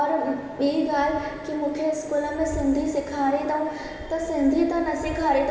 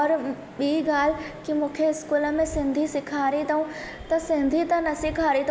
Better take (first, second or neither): second